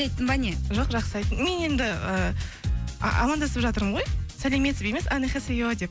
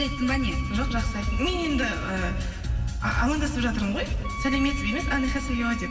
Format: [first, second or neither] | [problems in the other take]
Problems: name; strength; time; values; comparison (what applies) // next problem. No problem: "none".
first | background sound (Wind instrument, woodwind instrument); 14 dB below the speech // room echo; dies away in 2.4 s